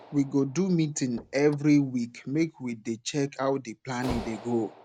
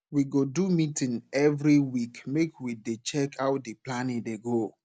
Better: second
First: background sound (Clapping + Slam / Car); 17 dB below the speech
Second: none

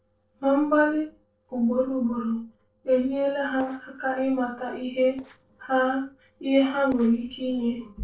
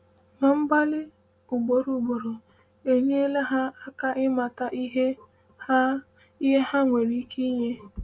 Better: second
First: noise reduction (neural separator model SepFormer DNS4)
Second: none

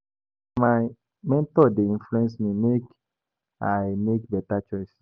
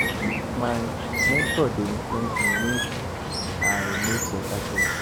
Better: first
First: none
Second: background sound (Bird); 4 dB above the speech

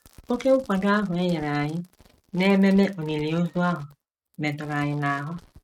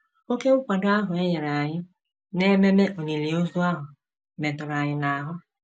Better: second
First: noise reduction (neural mask model RNNoise)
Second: none

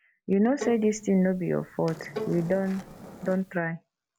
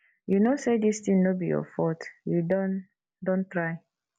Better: second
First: background sound (Bowed string instrument + Skateboard); 13 dB below the speech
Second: none

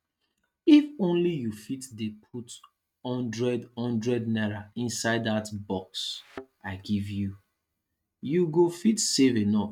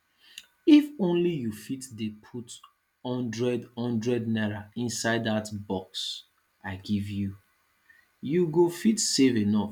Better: second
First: noise reduction (neural mask model RNNoise)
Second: none

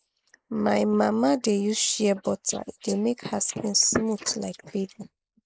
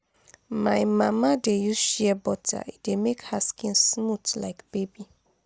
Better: second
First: noise reduction (neural mask model Resemble Enhance denoiser)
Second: none

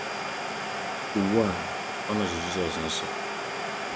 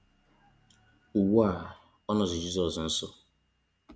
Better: second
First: background sound (Domestic sounds, home sounds); 1 dB below the speech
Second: none

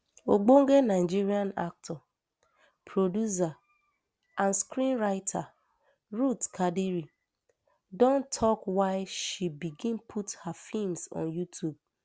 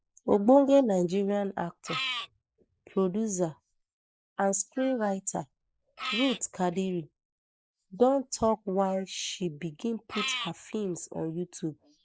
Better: first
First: none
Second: noise reduction (neural mask model Resemble Enhance denoiser)

